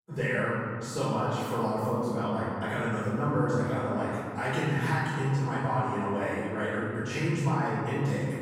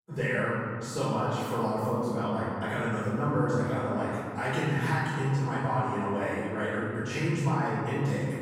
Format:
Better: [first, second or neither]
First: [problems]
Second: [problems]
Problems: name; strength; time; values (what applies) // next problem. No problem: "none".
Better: neither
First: off-mic speech; far // room echo; strong; dies away in 2.4 s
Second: off-mic speech; far // room echo; strong; dies away in 2.4 s